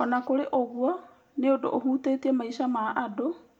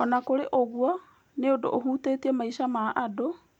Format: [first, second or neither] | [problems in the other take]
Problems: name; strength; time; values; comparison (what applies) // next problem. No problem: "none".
second | room echo; dies away in 0.4 s